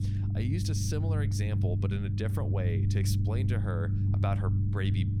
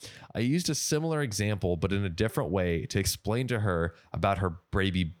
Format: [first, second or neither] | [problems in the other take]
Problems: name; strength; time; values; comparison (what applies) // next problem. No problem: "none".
second | low rumble; loud; throughout; 3 dB below the speech